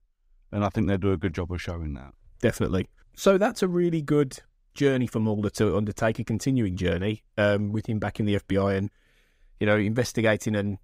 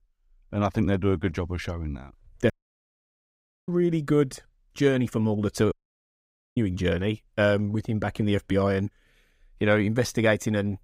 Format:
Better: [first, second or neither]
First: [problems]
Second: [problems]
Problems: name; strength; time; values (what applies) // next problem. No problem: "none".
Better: first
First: none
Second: audio cutting out; at 2.5 s for 1 s and at 5.5 s for 1 s